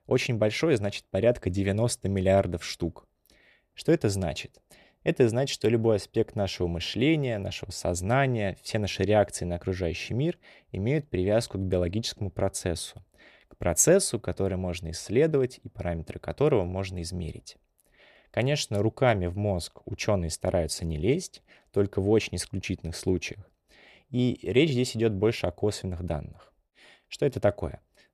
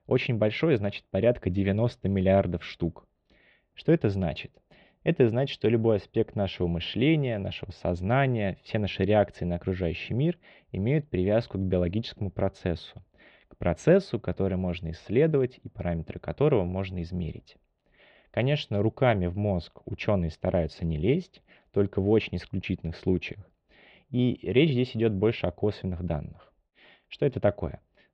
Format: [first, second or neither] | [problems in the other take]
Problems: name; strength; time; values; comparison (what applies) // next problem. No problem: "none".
first | muffled; slightly; fading above 3.5 kHz